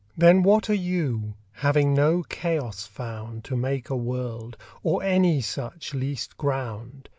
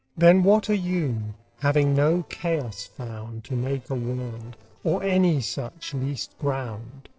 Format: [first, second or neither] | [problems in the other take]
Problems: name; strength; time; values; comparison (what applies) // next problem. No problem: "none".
first | noise reduction (neural separator model SepFormer DNS4)